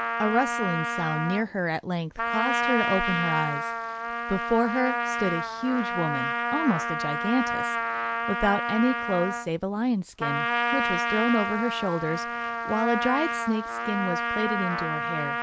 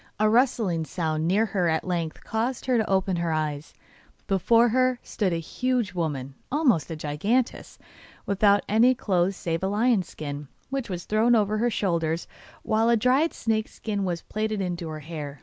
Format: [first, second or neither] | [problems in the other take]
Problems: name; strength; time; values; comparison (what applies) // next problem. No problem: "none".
second | background sound (Trumpet); 1 dB below the speech